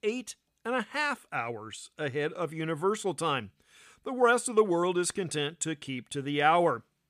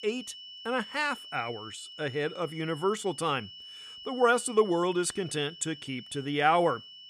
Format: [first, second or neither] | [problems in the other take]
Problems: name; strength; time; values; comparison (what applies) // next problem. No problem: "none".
first | high-pitched whine; noticeable; throughout; 3 kHz, 15 dB below the speech